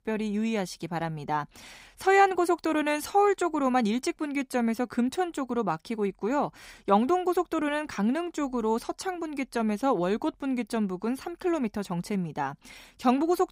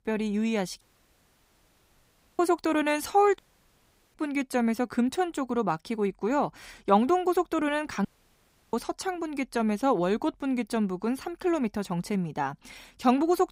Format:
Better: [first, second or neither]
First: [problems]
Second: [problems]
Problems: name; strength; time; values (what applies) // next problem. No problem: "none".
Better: first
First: none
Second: audio cutting out; at 1 s for 1.5 s, at 3.5 s for 0.5 s and at 8 s for 0.5 s